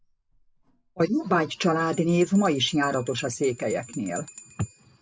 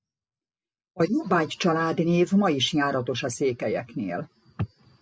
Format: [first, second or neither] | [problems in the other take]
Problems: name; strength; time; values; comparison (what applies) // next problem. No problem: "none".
second | background sound (Bell); 20 dB below the speech